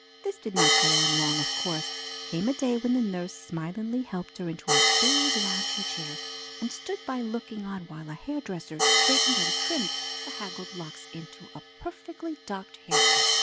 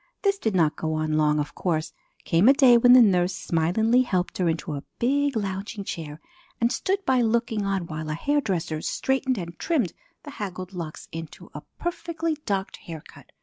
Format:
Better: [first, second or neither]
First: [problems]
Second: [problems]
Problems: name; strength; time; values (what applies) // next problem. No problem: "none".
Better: second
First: background sound (Hi-hat); 5 dB above the speech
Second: none